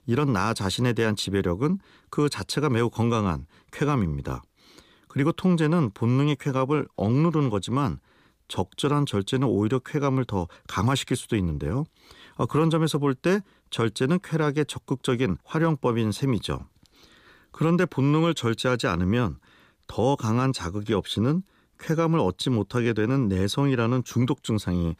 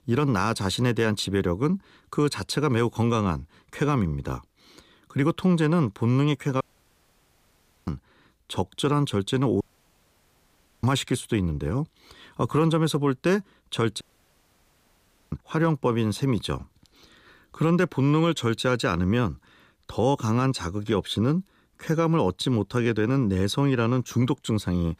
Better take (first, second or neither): first